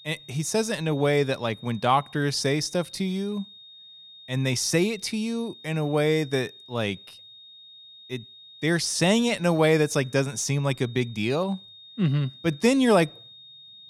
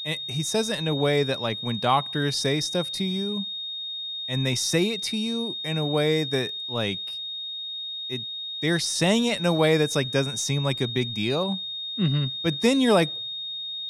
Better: first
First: high-pitched whine; faint; throughout; 3.5 kHz, 20 dB below the speech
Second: high-pitched whine; loud; throughout; 3.5 kHz, 5 dB below the speech

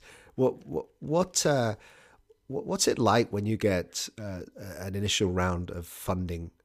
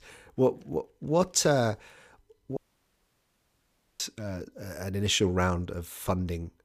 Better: first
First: none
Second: audio cutting out; at 2.5 s for 1.5 s

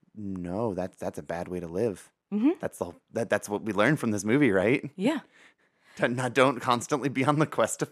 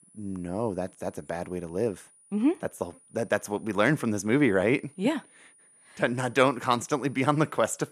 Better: first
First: none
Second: high-pitched whine; faint; throughout; 9.5 kHz, 30 dB below the speech

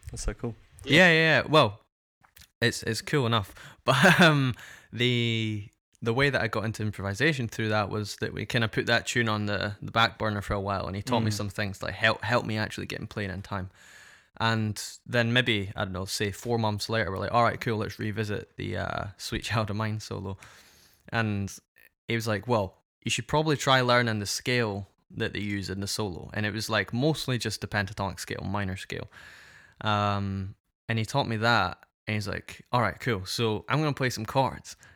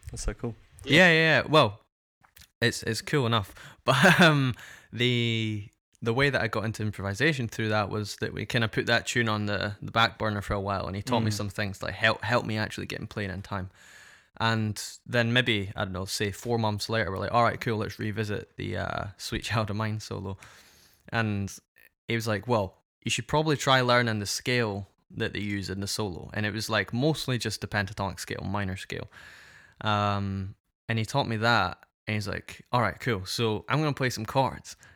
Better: neither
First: none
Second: none

